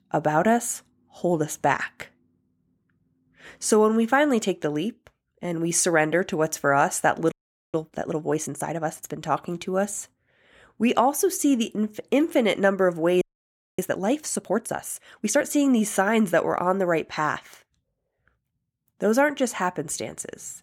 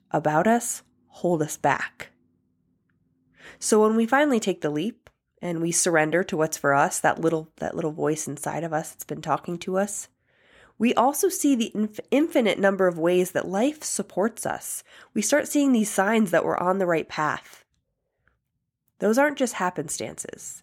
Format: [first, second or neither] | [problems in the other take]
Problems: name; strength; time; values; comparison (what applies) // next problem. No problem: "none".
second | audio freezing; at 7.5 s and at 13 s for 0.5 s